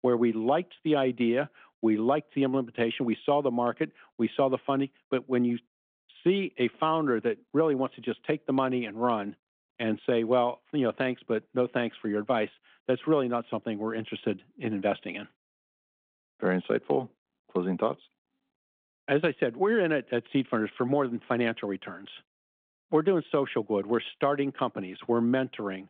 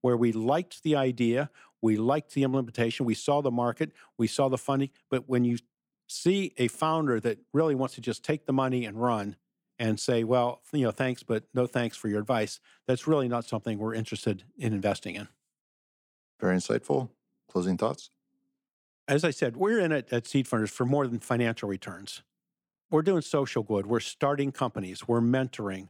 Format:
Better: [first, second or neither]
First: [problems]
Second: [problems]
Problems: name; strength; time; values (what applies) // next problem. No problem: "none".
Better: second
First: phone-call audio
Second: none